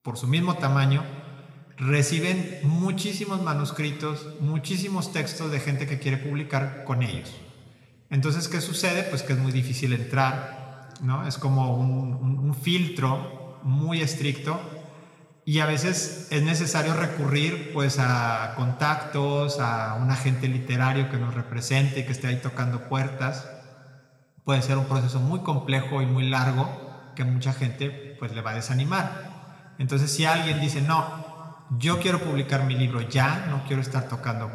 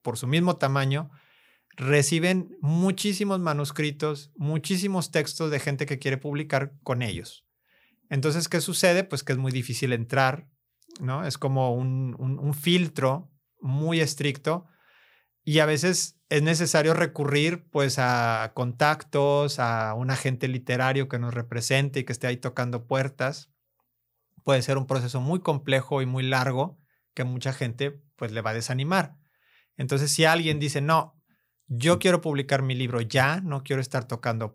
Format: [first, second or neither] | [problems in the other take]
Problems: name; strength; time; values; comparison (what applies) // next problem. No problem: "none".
second | room echo; slight; dies away in 1.9 s